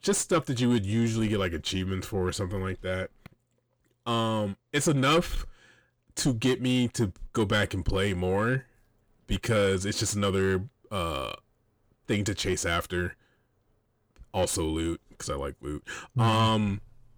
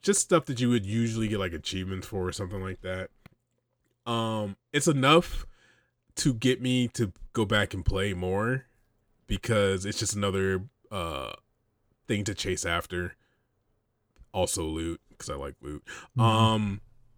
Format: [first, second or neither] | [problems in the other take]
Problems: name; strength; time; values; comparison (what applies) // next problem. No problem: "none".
second | distortion; slight; 10 dB below the speech